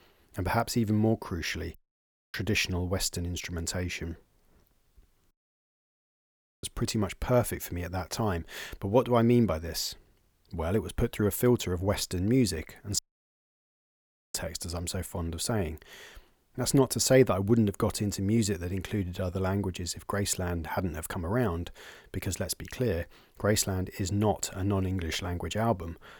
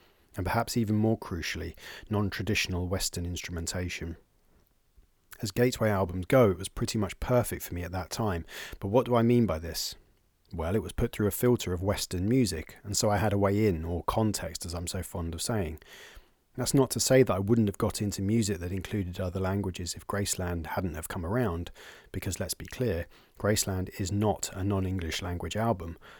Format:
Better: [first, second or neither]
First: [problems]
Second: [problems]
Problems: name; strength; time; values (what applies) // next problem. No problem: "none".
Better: second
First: audio cutting out; at 2 s for 0.5 s, at 5.5 s for 1.5 s and at 13 s for 1.5 s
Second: none